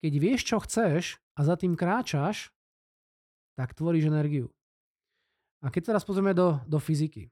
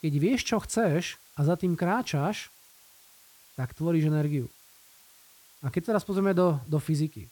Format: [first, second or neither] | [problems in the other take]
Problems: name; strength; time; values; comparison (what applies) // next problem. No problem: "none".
first | hiss; faint; throughout; 25 dB below the speech